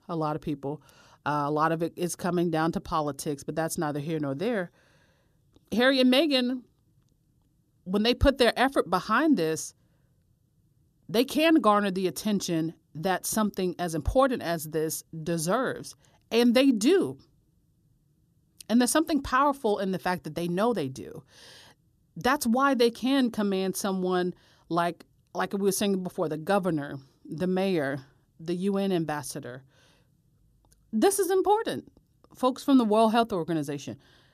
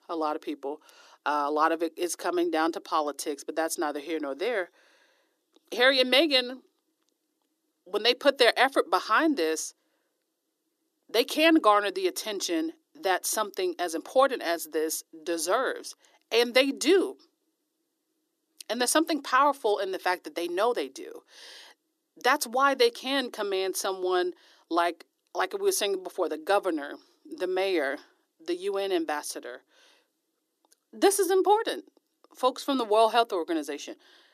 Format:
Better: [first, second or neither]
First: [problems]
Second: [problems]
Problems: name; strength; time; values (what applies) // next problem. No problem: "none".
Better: first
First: none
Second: thin; somewhat; fading below 300 Hz